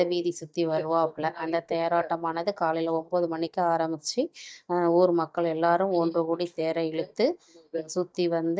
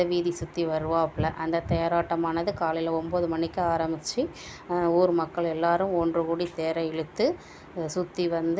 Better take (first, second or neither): second